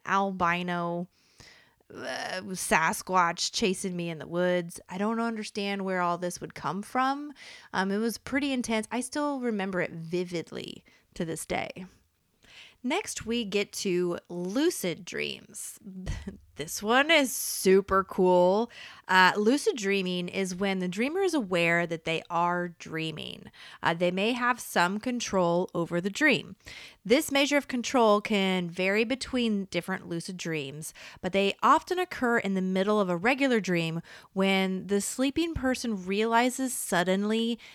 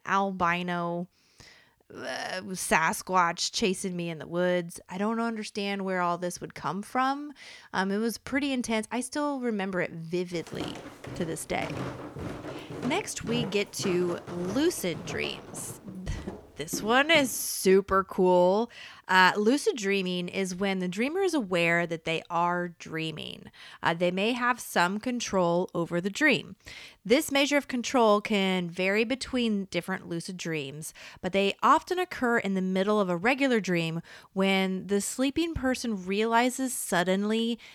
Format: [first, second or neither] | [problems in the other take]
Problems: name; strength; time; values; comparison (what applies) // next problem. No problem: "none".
first | footsteps; noticeable; from 10 to 17 s; peak 9 dB below the speech